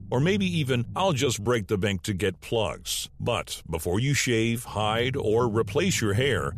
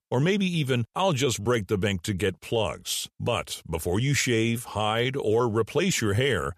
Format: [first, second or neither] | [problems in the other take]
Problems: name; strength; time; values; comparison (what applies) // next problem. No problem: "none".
second | low rumble; faint; throughout; 25 dB below the speech